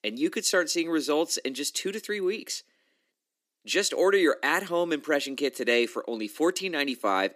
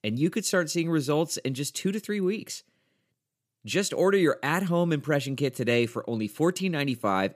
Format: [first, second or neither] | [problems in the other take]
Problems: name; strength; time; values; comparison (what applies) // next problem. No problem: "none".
second | thin; somewhat; fading below 250 Hz